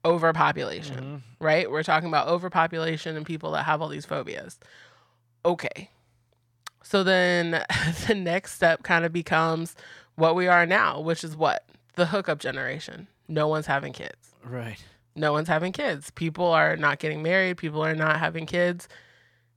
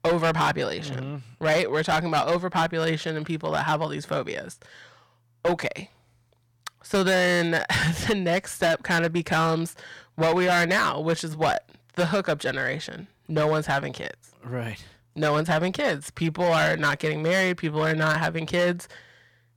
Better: first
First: none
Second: distortion; heavy; 9% of the sound clipped

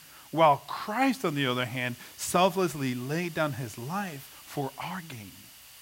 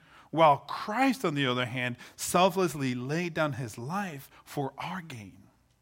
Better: second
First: hiss; noticeable; throughout; 20 dB below the speech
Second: none

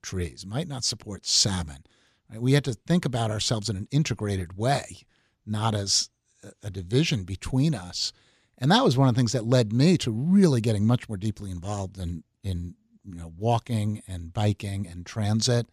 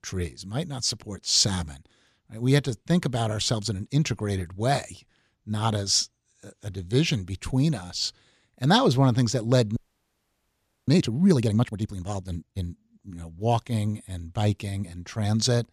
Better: first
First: none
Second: audio freezing; at 10 s for 1 s

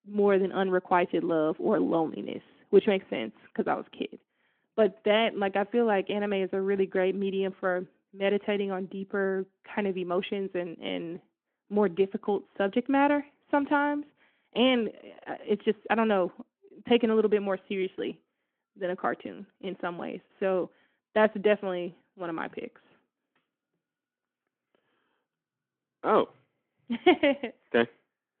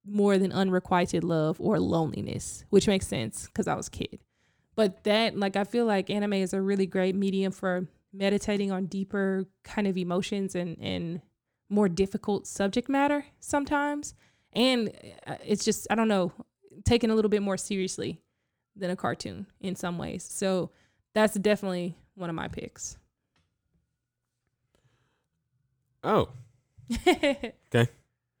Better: second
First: phone-call audio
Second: none

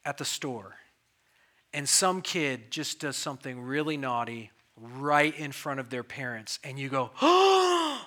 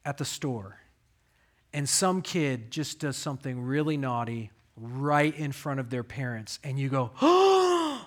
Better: second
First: thin; very slightly; fading below 450 Hz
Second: none

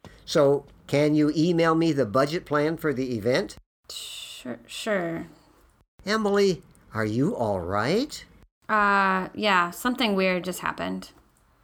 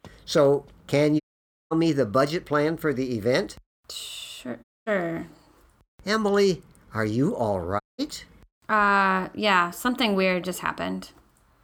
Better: first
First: none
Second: audio cutting out; at 1 s for 0.5 s, at 4.5 s and at 8 s

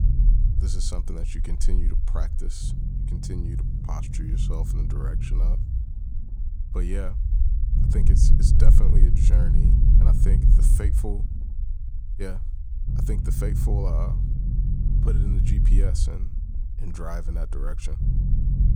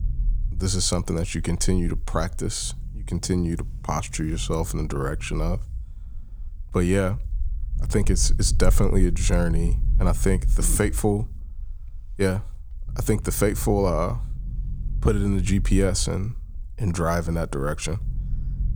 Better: second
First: low rumble; loud; throughout; 1 dB below the speech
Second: low rumble; faint; throughout; 20 dB below the speech

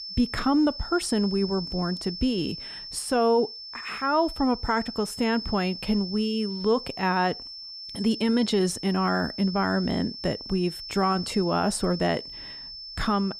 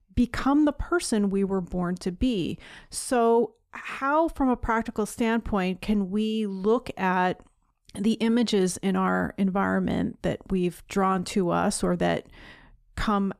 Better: second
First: high-pitched whine; loud; throughout; 5.5 kHz, 10 dB below the speech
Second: none

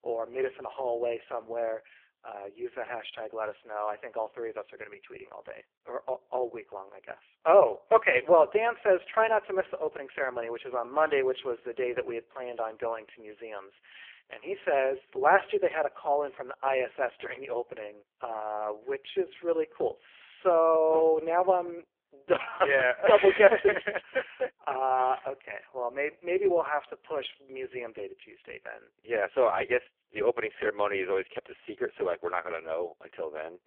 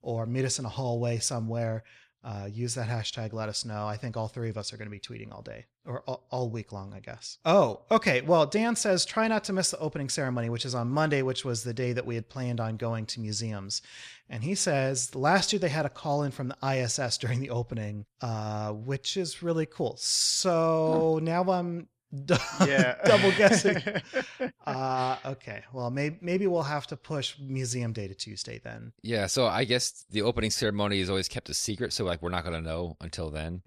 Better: second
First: phone-call audio; poor line; nothing above 3.5 kHz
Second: none

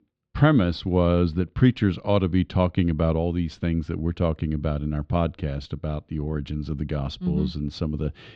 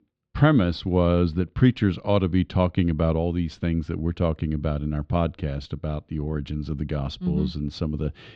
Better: neither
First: muffled; slightly; fading above 3.5 kHz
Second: muffled; slightly; fading above 3.5 kHz

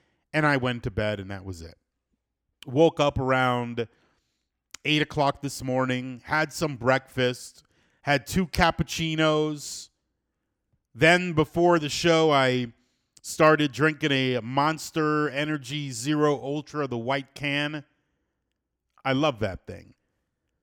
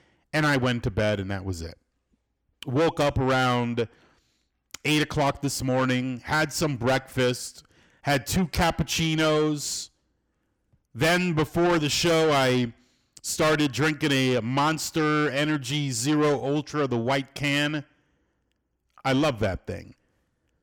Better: first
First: none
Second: distortion; heavy; 6 dB below the speech

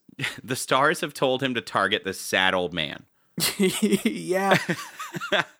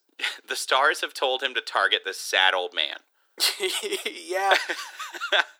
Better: first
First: none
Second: thin; very; fading below 350 Hz

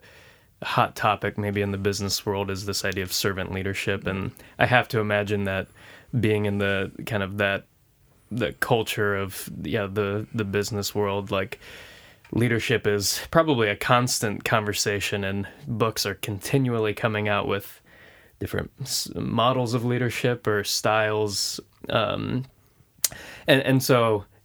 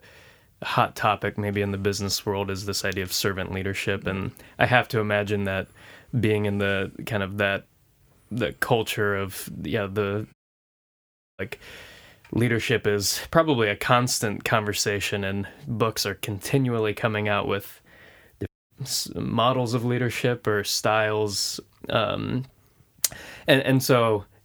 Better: first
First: none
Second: audio cutting out; at 10 s for 1 s and at 18 s

